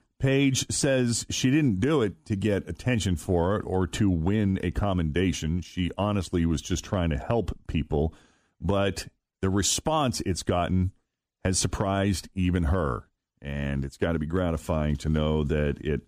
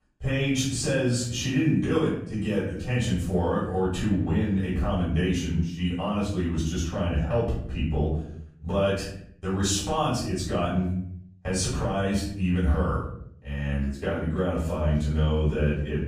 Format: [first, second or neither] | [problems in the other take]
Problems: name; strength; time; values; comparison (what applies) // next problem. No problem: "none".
first | room echo; noticeable; dies away in 0.6 s // off-mic speech; far